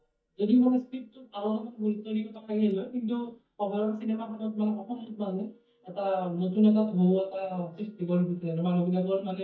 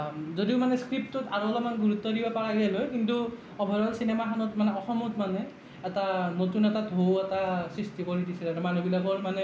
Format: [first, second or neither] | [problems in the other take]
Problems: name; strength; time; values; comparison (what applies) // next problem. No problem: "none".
second | noise reduction (neural mask model DeepFilterNet 3)